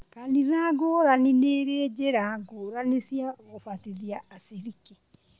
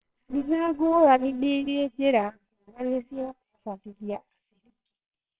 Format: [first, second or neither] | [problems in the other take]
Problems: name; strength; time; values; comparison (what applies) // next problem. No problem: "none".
first | noise reduction (neural separator model SepFormer WHAMR!)